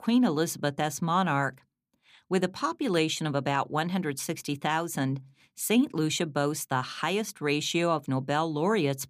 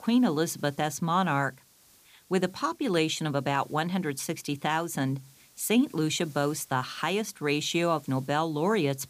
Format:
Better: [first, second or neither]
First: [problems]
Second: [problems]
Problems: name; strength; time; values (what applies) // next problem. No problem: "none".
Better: first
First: none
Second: hiss; faint; throughout; 25 dB below the speech